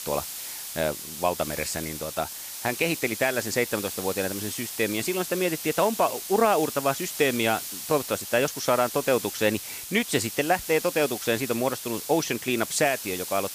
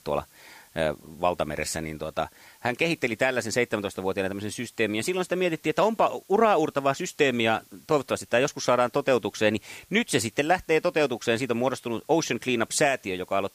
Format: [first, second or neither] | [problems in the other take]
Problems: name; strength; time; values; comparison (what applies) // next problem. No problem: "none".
second | hiss; loud; throughout; 7 dB below the speech; faint in the second